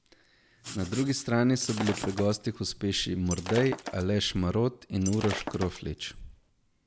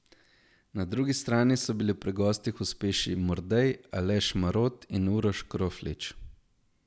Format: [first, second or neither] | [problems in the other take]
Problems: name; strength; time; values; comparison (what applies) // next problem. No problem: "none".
second | background sound (Shatter + Writing); 11 dB below the speech